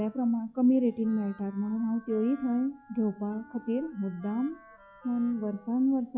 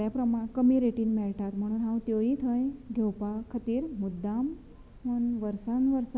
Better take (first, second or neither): second